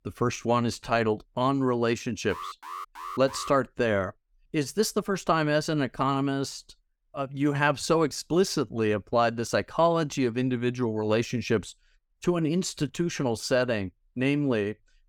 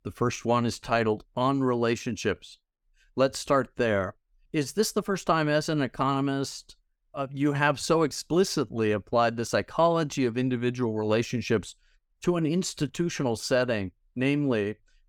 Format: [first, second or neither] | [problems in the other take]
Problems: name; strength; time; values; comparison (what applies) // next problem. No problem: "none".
second | alarm; faint; from 2.5 to 3.5 s; peak 10 dB below the speech